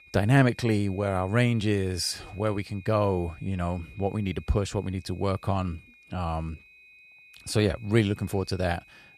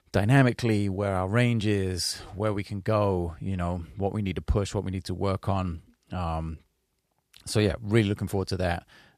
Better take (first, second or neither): second